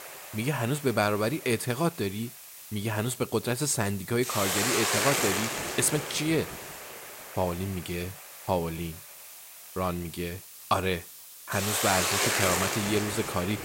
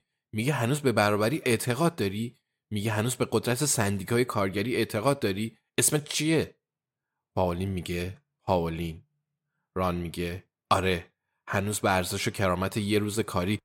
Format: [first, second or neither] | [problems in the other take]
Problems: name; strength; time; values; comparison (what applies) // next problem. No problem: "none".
second | hiss; loud; throughout; as loud as the speech